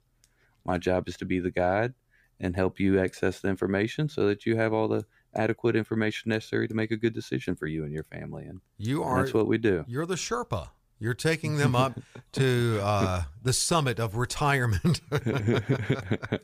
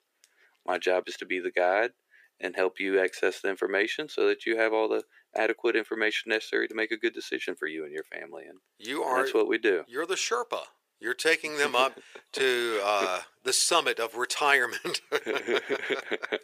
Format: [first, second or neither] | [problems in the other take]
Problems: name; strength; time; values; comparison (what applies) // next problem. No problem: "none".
first | thin; very; fading below 400 Hz